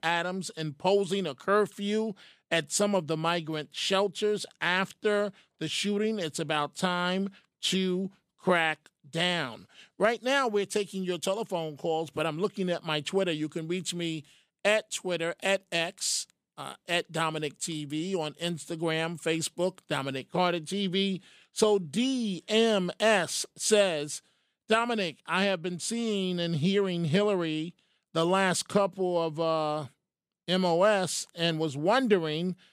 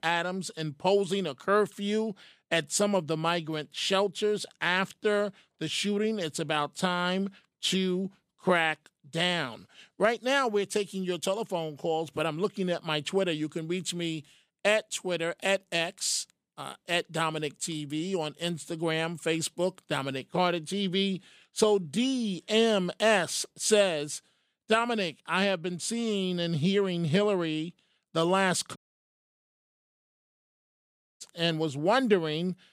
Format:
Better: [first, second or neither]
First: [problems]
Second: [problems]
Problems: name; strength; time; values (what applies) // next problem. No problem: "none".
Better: first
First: none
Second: audio cutting out; at 29 s for 2.5 s